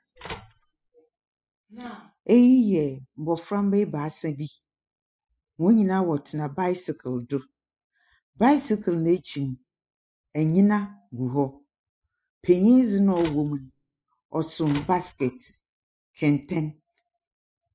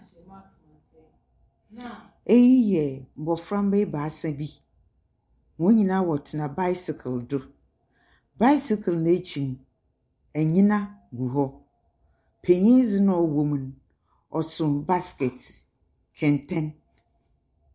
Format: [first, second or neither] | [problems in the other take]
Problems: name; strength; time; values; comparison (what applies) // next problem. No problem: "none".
second | noise reduction (classical method spectral subtraction)